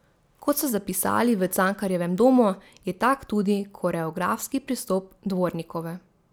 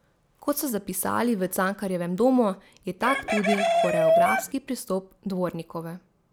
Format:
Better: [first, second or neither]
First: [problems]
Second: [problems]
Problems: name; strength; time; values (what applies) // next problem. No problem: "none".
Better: first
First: none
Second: background sound (Chicken, rooster); 2 dB above the speech